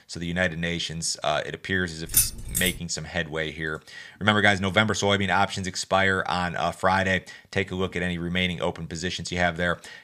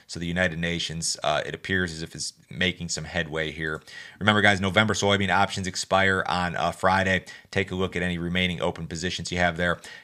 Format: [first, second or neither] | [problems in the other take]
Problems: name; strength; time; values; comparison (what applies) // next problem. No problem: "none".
second | jangling keys; loud; at 2 s; peak 4 dB above the speech